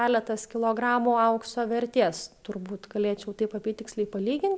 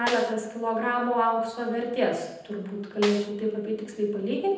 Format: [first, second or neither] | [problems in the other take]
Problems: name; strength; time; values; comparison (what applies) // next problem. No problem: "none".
first | background sound (Snare drum); 12 dB below the speech // room echo; dies away in 0.8 s